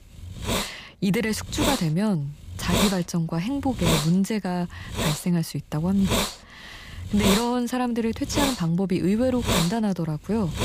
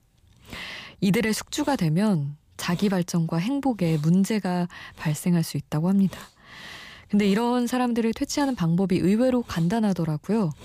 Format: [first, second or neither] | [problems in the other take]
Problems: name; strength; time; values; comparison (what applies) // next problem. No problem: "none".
second | hiss; loud; throughout; 2 dB below the speech; faint in the second